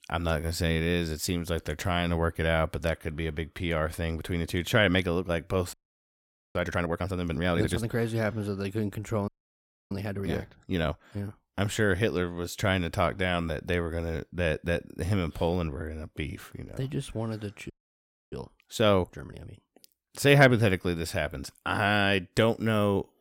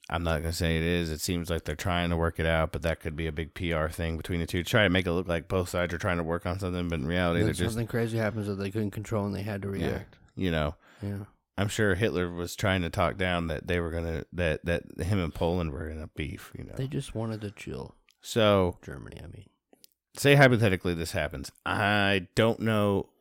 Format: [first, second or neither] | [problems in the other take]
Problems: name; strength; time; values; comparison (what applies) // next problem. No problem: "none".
second | audio freezing; at 5.5 s for 1 s, at 9.5 s for 0.5 s and at 18 s for 0.5 s